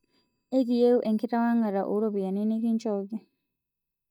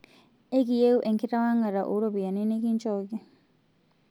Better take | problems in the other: second | noise reduction (neural mask model DeepFilterNet 3)

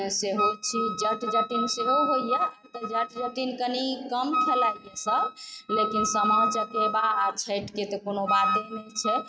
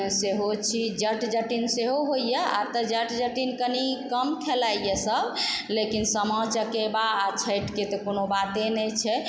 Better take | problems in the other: second | noise reduction (neural mask model RNNoise)

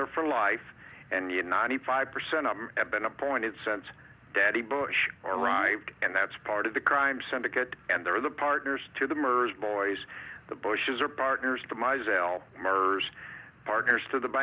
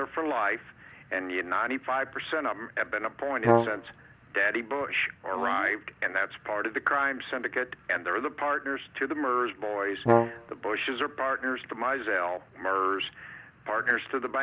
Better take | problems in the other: first | background sound (Brass instrument); 3 dB above the speech

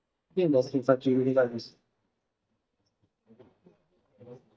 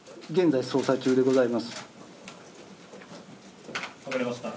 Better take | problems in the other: second | noise reduction (neural mask model DeepFilterNet 3)

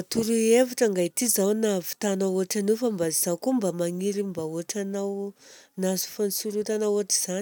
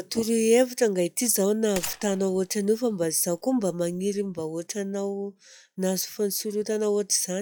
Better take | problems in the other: first | noise reduction (classical method log-MMSE)

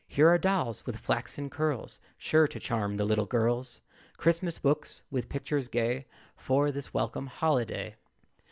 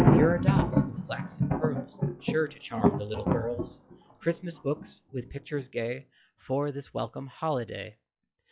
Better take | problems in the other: first | noise reduction (classical method log-MMSE)

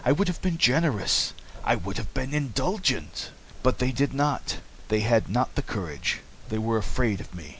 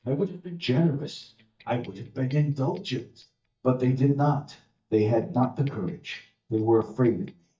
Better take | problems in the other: first | noise reduction (neural mask model DeepFilterNet 3)

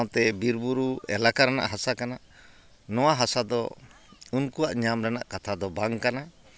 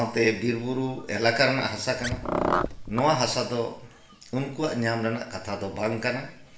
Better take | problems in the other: first | background sound (Car); 1 dB below the speech // room echo; dies away in 0.7 s

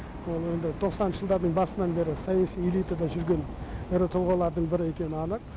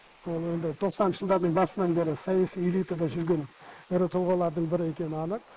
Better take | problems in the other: first | noise reduction (neural mask model Resemble Enhance denoiser)

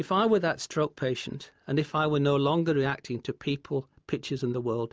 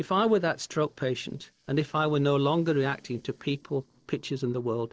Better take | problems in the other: first | noise reduction (neural separator model SepFormer DNS4)

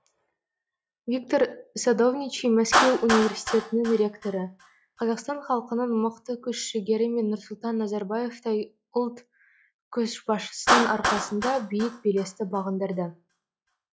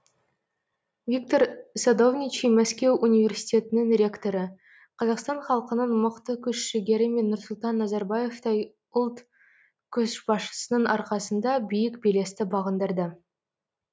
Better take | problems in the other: second | noise reduction (classical method log-MMSE)

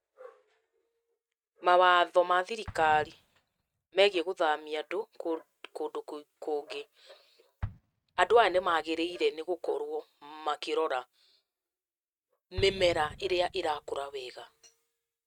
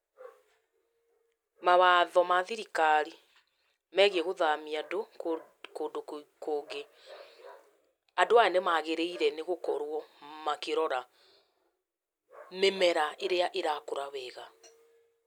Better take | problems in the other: second | noise reduction (neural mask model RNNoise)

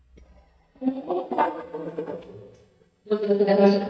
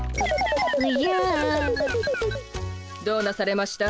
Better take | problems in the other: second | noise reduction (neural mask model DeepFilterNet 3)

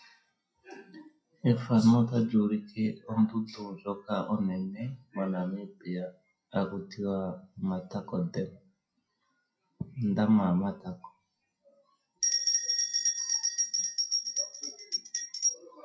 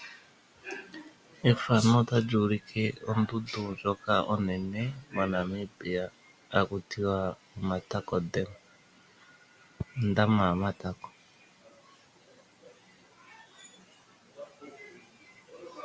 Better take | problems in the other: second | noise reduction (classical method WPE with log-MMSE)

